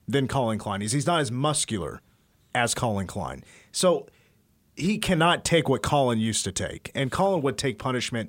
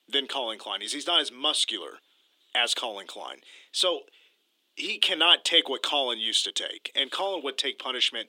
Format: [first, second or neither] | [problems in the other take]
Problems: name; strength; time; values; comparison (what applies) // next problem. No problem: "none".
first | thin; somewhat; fading below 300 Hz